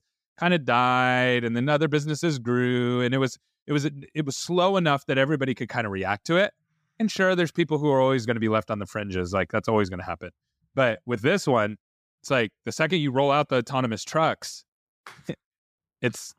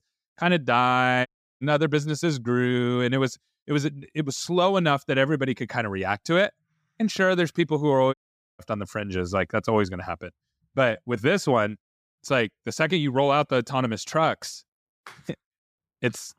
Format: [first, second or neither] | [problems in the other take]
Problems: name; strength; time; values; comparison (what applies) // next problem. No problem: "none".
first | audio cutting out; at 1.5 s and at 8 s